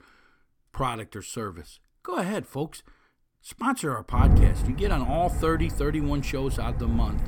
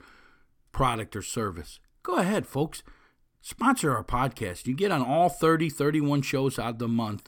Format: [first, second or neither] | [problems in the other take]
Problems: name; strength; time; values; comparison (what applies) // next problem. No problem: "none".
second | rain or running water; very faint; from 4 s on; 2 dB above the speech